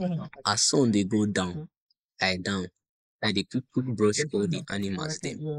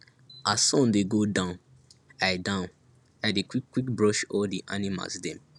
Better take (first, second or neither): second